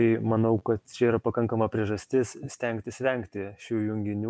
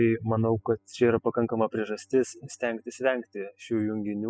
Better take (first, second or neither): first